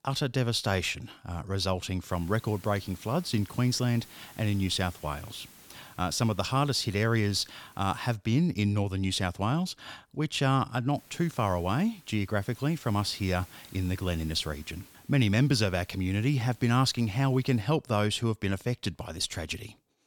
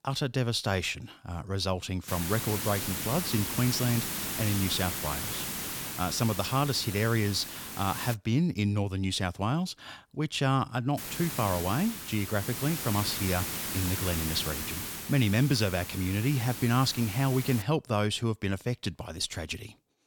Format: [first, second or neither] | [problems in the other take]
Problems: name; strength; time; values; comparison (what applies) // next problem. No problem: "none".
first | hiss; loud; from 2 to 8 s and from 11 to 18 s; 4 dB below the speech; faint in the first